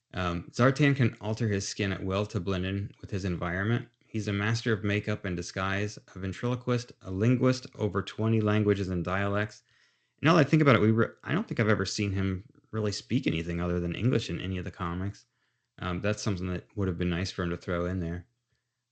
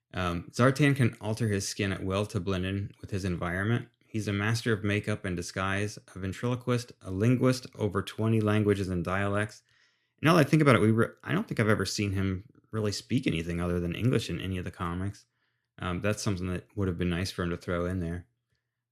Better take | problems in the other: second | garbled, watery; slightly

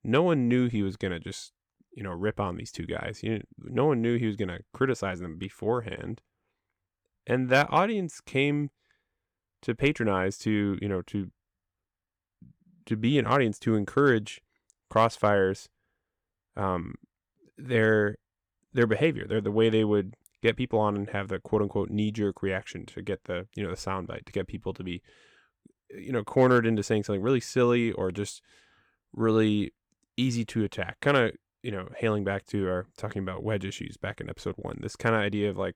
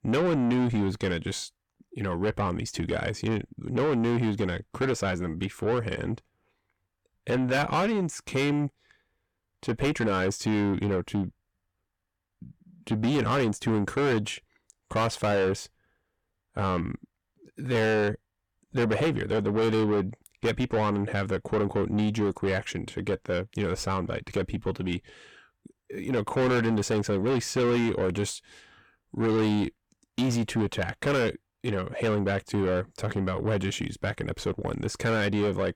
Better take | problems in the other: first | distortion; heavy; 6 dB below the speech

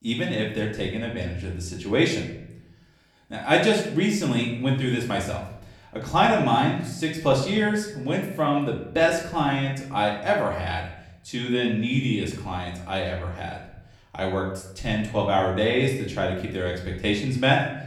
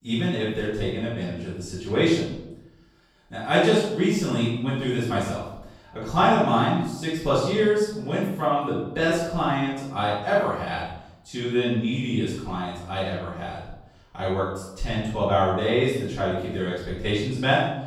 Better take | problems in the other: first | room echo; strong; dies away in 0.8 s; slight in the first // off-mic speech; far; far in the first

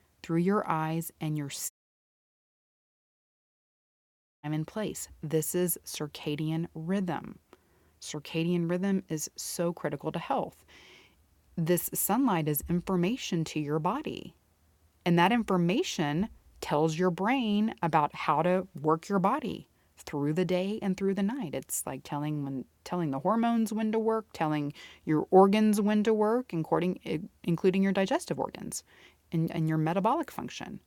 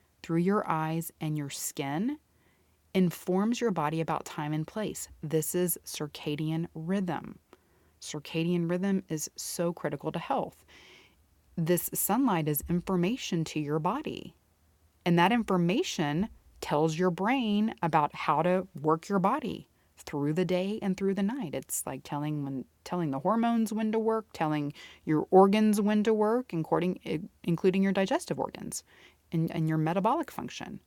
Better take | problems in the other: second | audio cutting out; at 1.5 s for 2.5 s

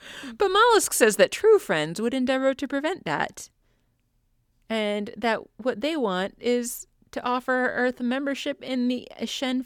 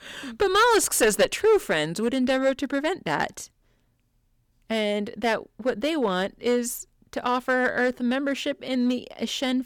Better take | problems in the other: first | distortion; slight; 5% of the sound clipped

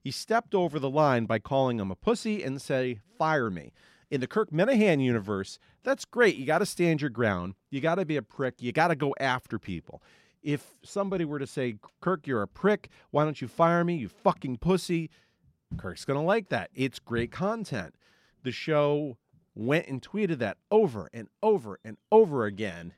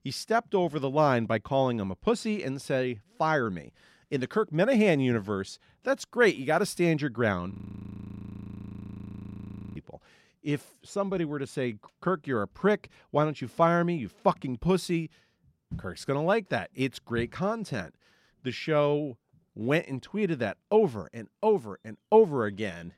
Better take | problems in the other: first | audio freezing; at 7.5 s for 2 s

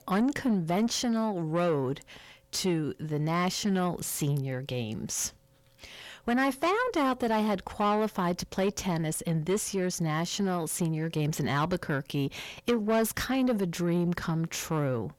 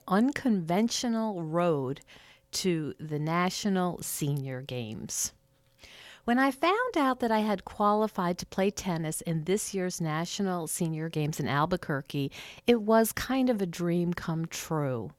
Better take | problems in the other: second | distortion; slight; 10 dB below the speech

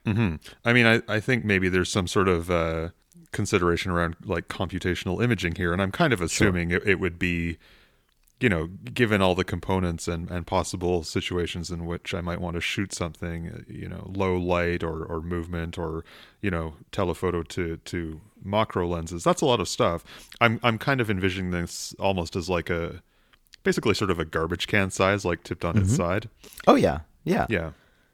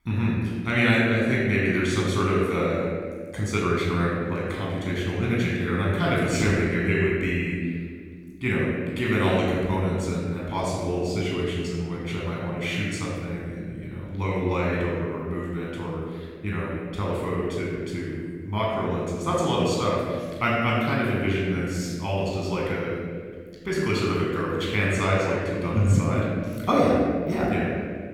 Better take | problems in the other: first | room echo; strong; dies away in 1.9 s // off-mic speech; far

